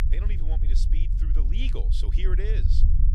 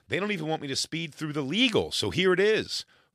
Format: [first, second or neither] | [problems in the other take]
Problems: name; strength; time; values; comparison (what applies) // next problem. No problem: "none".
second | low rumble; loud; throughout; 5 dB below the speech